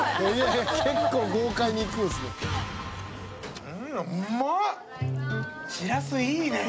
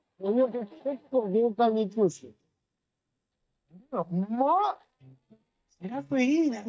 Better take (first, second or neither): first